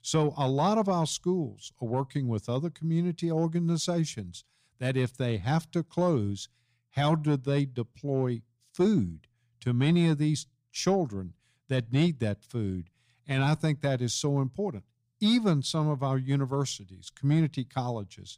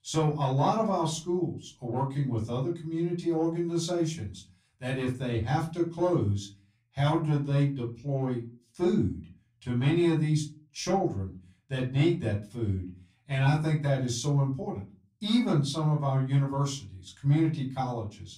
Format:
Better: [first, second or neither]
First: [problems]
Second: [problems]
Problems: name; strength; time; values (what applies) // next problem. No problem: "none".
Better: first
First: none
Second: off-mic speech; far // room echo; slight; dies away in 0.3 s